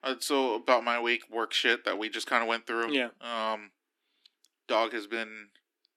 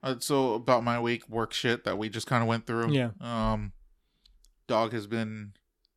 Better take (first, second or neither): second